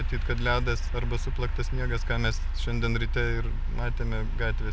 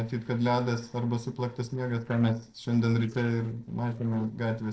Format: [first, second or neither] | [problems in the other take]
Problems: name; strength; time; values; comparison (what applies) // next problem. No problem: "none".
first | noise reduction (neural separator model SepFormer DNS4)